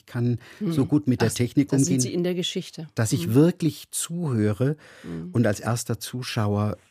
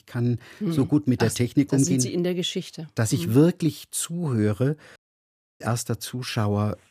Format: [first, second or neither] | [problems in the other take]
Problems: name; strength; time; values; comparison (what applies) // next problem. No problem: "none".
first | audio cutting out; at 5 s for 0.5 s